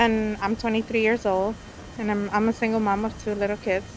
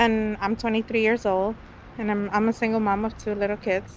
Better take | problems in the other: second | background sound (Mechanisms); 19 dB below the speech

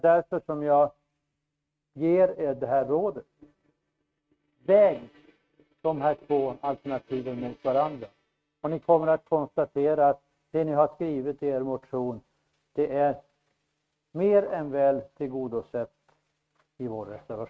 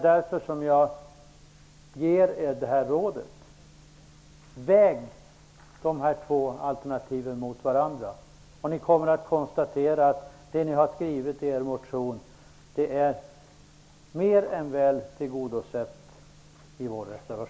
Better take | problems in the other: second | noise reduction (neural mask model RNNoise)

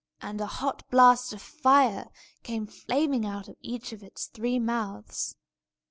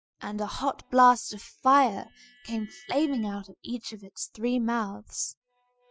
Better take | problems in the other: first | noise reduction (classical method Wiener filter)

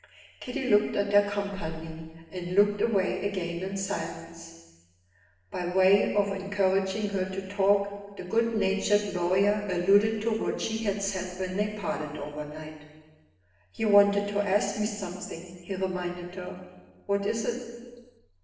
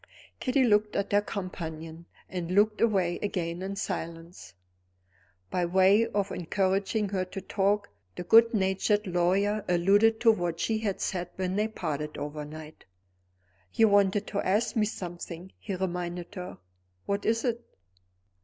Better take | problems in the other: second | room echo; dies away in 1.2 s

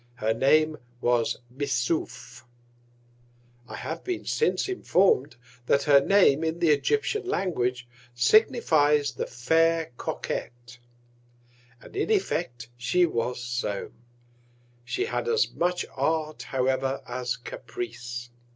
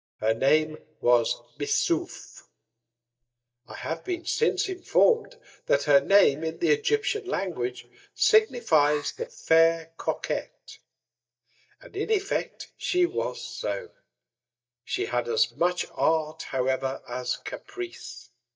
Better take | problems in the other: first | noise reduction (neural mask model DeepFilterNet 3)

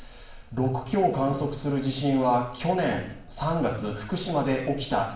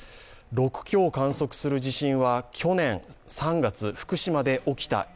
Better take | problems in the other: second | room echo; dies away in 0.7 s

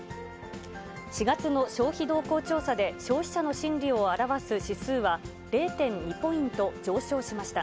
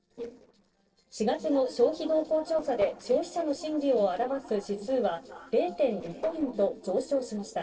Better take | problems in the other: first | noise reduction (neural separator model SepFormer DNS4)

